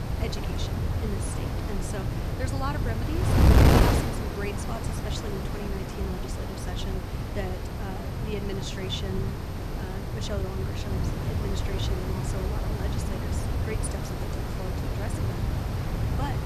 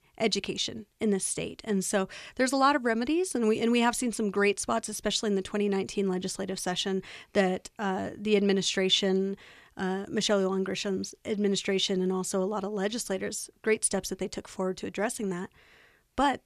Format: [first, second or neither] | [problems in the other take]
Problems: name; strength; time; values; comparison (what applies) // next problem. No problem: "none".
second | wind noise on the microphone; heavy; 4 dB above the speech